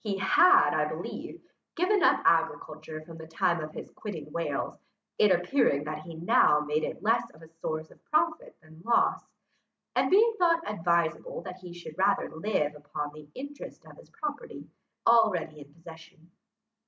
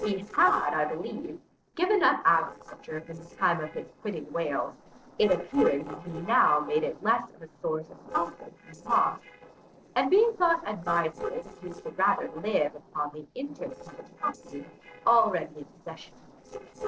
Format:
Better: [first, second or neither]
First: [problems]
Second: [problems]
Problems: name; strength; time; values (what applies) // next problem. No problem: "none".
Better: first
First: none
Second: noise reduction (neural separator model SepFormer DNS4)